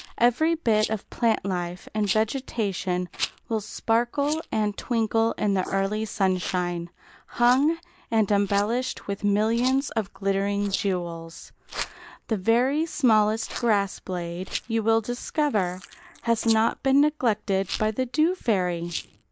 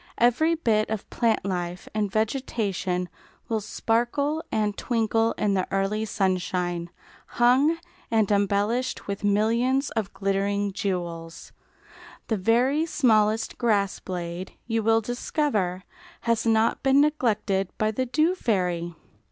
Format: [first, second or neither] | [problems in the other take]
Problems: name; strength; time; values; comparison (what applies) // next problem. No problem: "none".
second | noise reduction (neural mask model Resemble Enhance denoiser)